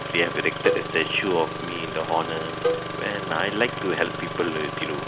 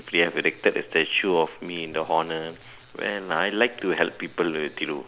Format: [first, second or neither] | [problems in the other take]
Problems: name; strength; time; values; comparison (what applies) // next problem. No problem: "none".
second | background sound (Engine starting + Cowbell); 3 dB below the speech